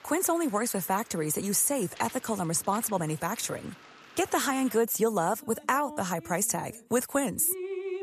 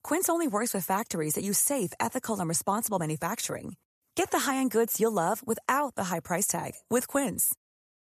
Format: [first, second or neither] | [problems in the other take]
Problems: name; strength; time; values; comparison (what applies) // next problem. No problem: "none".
second | rain or running water; noticeable; throughout; 20 dB below the speech